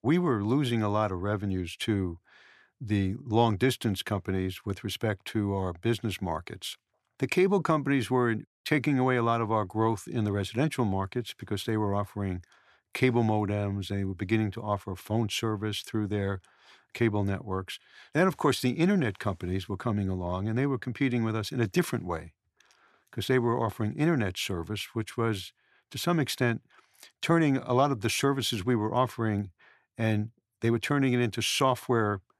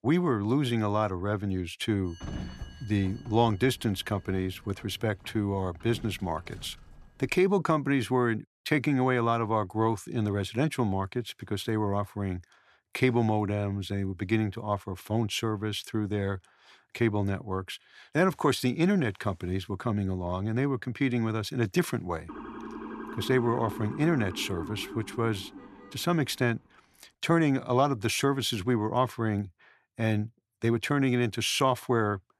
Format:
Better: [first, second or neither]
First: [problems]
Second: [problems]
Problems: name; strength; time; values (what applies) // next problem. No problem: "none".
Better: first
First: none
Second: door banging; noticeable; from 2 to 7.5 s; peak 9 dB below the speech // siren; noticeable; from 22 to 26 s; peak 10 dB below the speech